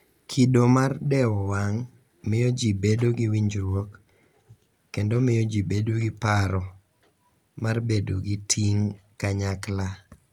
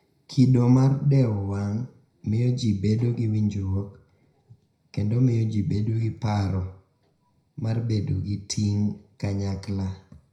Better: first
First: none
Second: room echo; dies away in 0.5 s

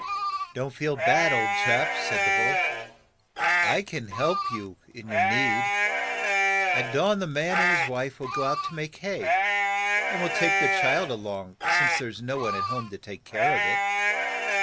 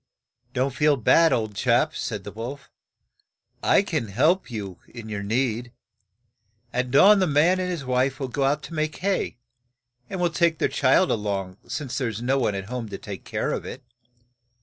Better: second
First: background sound (Livestock, farm animals, working animals); 5 dB above the speech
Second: none

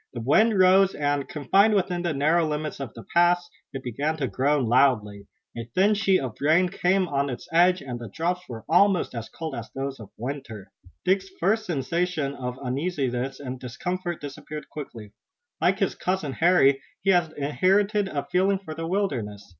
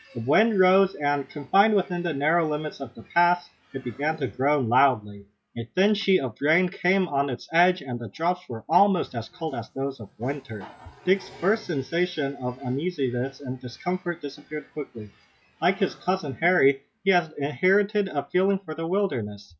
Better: first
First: none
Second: noise reduction (classical method log-MMSE)

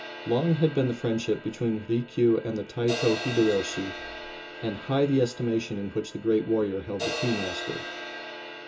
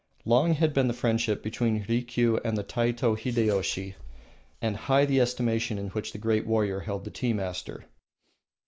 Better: second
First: background sound (Crash cymbal); 10 dB below the speech // room echo; dies away in 0.2 s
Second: none

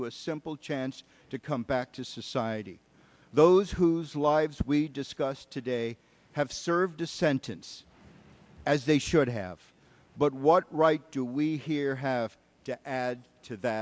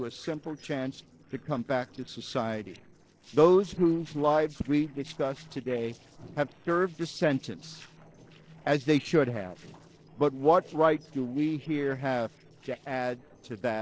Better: first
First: none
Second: noise reduction (neural separator model SepFormer DNS4)

